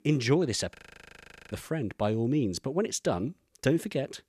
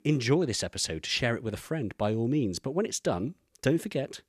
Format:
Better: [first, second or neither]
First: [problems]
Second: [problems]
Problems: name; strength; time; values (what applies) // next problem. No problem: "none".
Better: second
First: audio freezing; at 1 s for 1 s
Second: none